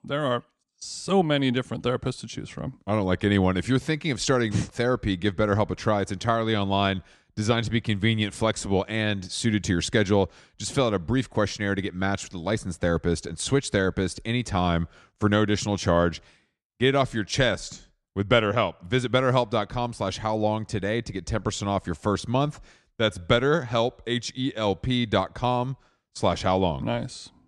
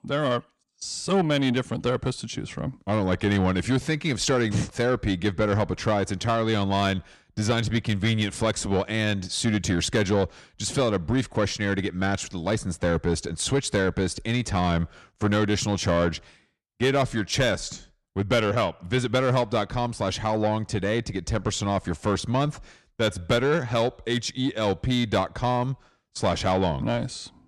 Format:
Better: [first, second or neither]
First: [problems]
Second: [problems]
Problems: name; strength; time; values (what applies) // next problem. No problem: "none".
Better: first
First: none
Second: distortion; slight; 10 dB below the speech